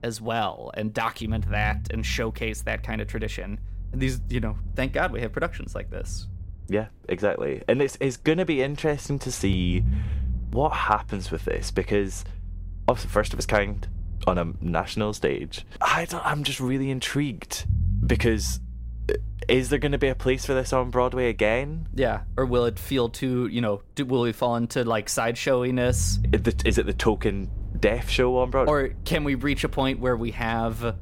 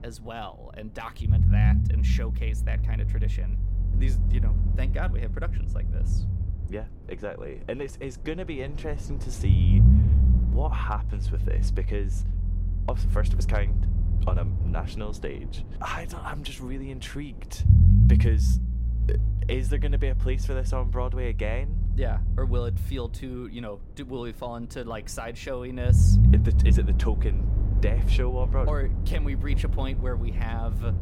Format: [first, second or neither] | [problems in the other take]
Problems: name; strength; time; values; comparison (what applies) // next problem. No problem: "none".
first | low rumble; loud; throughout; 4 dB below the speech; faint in the first